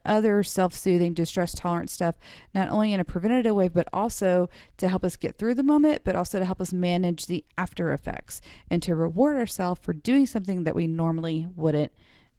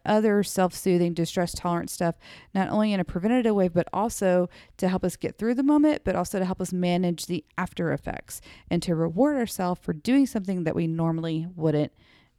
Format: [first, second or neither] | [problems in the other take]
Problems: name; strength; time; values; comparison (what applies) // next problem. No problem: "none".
second | garbled, watery; slightly